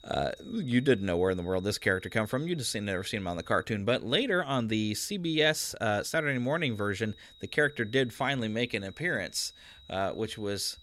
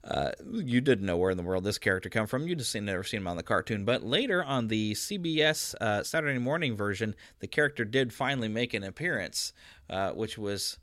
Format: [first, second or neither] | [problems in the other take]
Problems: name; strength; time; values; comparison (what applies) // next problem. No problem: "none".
second | high-pitched whine; faint; until 3.5 s and from 6 s on; 4 kHz, 25 dB below the speech